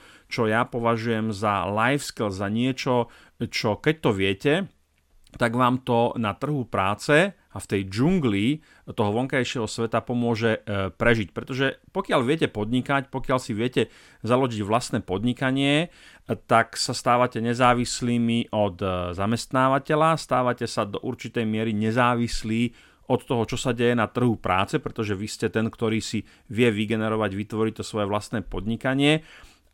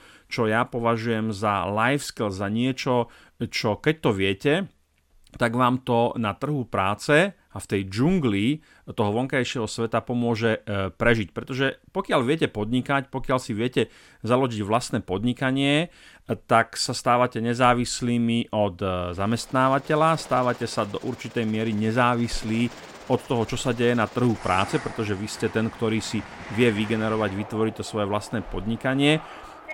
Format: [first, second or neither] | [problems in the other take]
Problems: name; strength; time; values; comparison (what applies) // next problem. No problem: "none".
first | train or aircraft noise; noticeable; from 19 s on; 15 dB below the speech